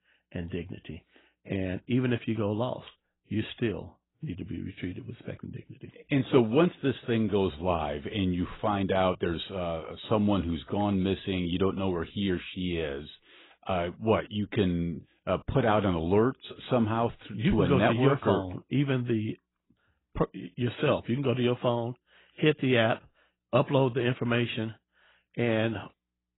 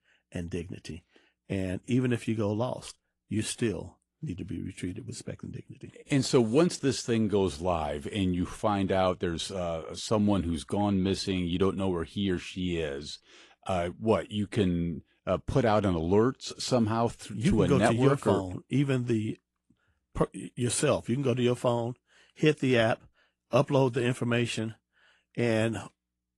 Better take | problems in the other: second | garbled, watery; badly; nothing above 4 kHz; slightly in the second

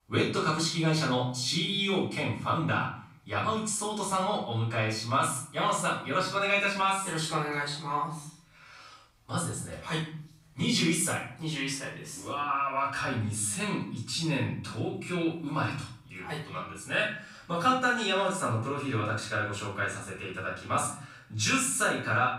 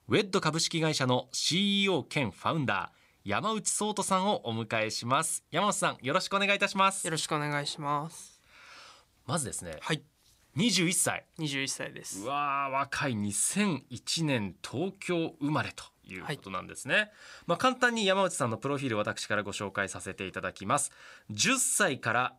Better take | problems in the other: second | off-mic speech; far // room echo; noticeable; dies away in 0.6 s

